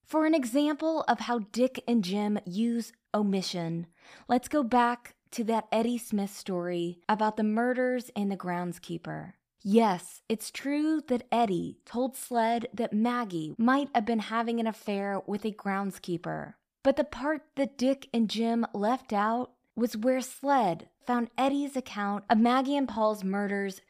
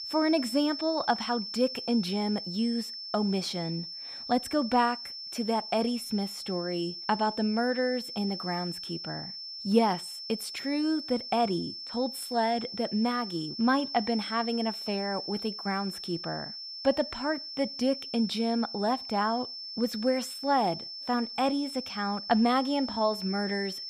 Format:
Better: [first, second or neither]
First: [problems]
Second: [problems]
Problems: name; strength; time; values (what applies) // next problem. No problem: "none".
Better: first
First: none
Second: high-pitched whine; loud; throughout; 5.5 kHz, 7 dB below the speech